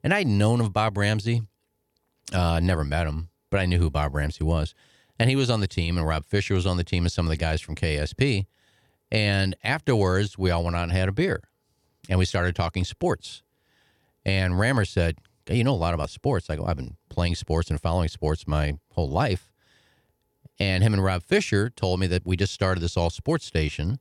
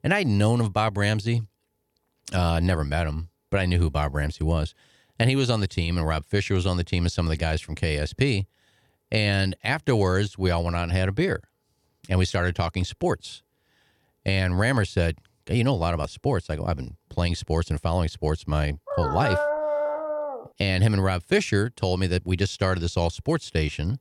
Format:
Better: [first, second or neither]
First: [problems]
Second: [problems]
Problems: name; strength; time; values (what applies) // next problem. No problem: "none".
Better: first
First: none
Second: dog barking; noticeable; from 19 to 20 s; peak level with the speech